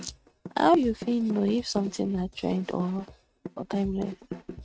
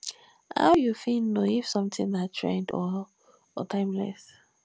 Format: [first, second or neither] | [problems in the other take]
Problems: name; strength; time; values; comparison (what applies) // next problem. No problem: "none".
second | noise reduction (neural mask model RNNoise)